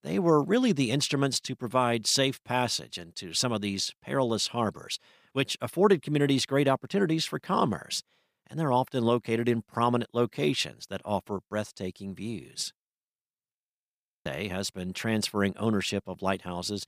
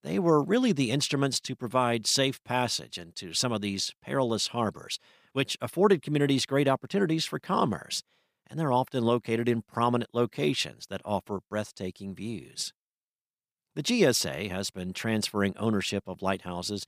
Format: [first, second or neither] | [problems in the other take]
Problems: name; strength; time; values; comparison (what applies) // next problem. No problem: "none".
second | audio freezing; at 14 s for 0.5 s